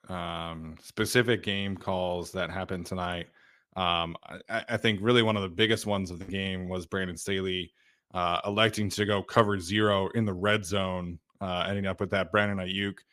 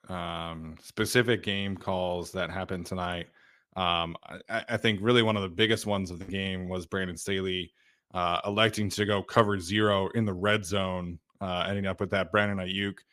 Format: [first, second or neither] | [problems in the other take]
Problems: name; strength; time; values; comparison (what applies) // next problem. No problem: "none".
neither | none